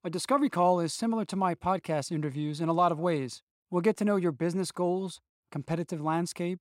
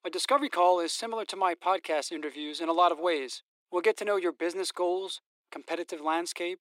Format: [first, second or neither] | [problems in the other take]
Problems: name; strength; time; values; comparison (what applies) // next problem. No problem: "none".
first | thin; very; fading below 350 Hz